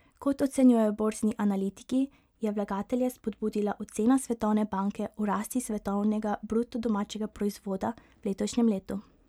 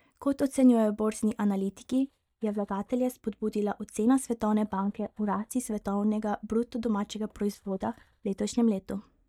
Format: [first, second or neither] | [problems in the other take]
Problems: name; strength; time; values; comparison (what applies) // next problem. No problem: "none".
first | noise reduction (neural mask model DeepFilterNet 3)